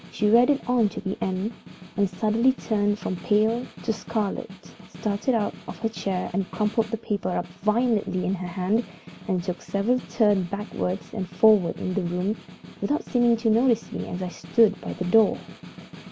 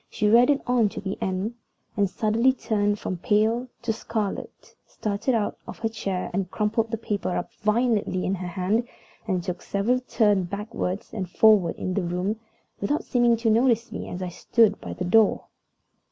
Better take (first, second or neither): second